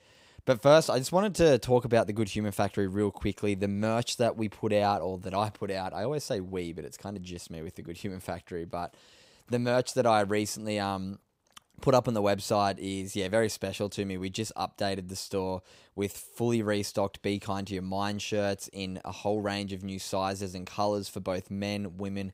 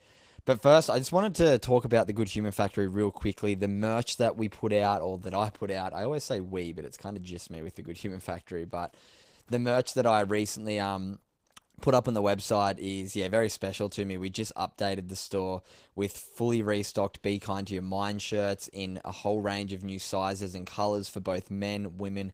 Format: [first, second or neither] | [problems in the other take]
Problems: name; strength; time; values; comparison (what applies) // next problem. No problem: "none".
first | garbled, watery; slightly; nothing above 15.5 kHz